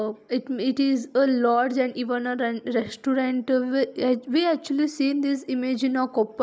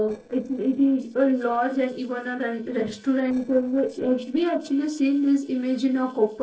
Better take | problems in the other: first | noise reduction (neural separator model SepFormer DNS4)

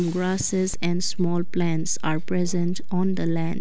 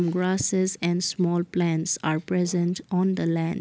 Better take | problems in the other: second | background sound (Bicycle); 2 dB above the speech

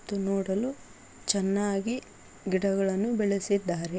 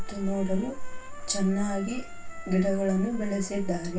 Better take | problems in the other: first | background sound (Trumpet); 20 dB below the speech // room echo; dies away in 0.2 s

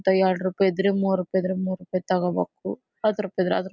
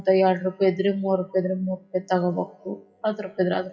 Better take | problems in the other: first | noise reduction (classical method WPE with log-MMSE)

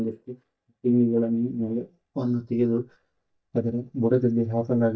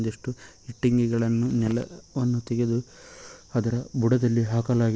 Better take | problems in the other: second | noise reduction (neural mask model DeepFilterNet 3)

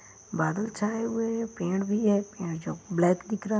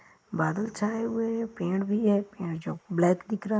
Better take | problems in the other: first | noise reduction (neural mask model Resemble Enhance denoiser)

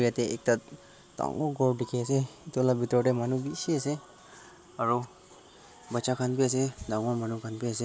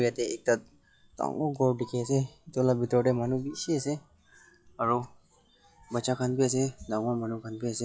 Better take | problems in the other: first | noise reduction (classical method log-MMSE)

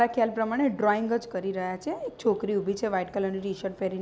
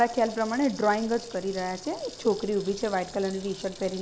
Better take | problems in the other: first | background sound (Sink (filling or washing) / Water tap, faucet); 17 dB below the speech

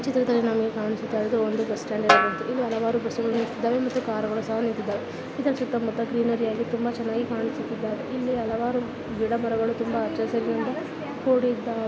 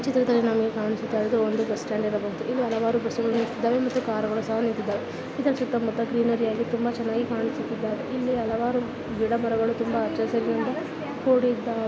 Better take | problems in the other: second | background sound (Snare drum); 1 dB below the speech

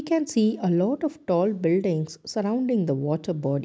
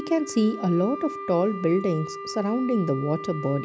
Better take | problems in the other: first | background sound (Wind instrument, woodwind instrument); 11 dB below the speech

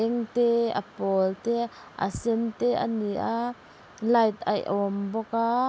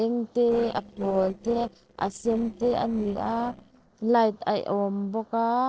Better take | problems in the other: first | noise reduction (neural separator model SepFormer DNS4)

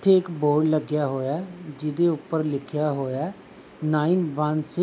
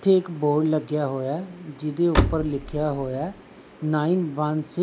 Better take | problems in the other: first | background sound (Slam); 2 dB below the speech

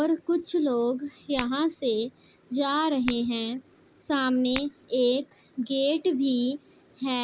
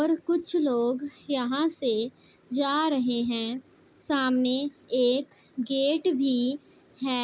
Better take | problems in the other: second | background sound (Tap / Glass); 17 dB below the speech

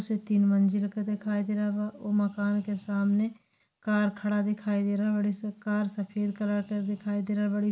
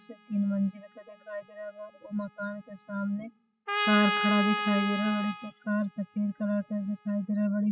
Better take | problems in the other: first | noise reduction (classical method spectral subtraction)

